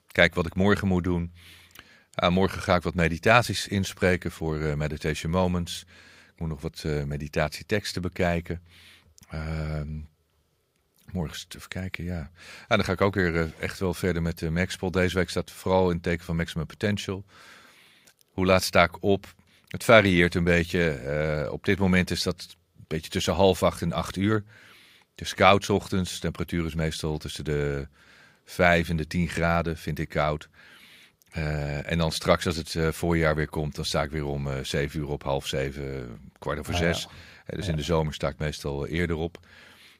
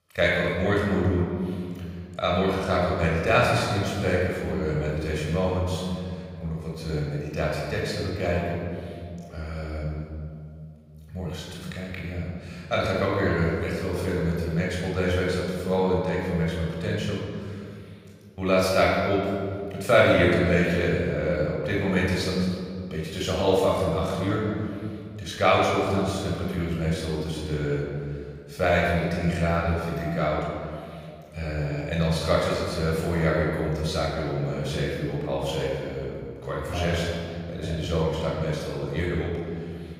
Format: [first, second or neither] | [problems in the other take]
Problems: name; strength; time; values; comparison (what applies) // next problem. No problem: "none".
first | off-mic speech; far // room echo; noticeable; dies away in 2.1 s